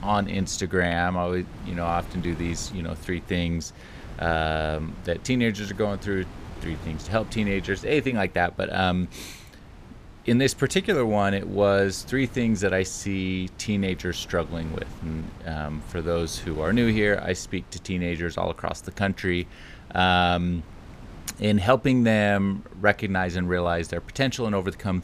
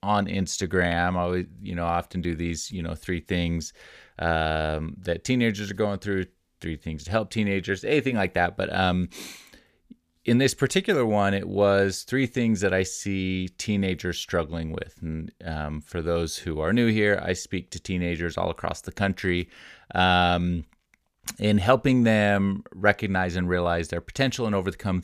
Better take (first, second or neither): second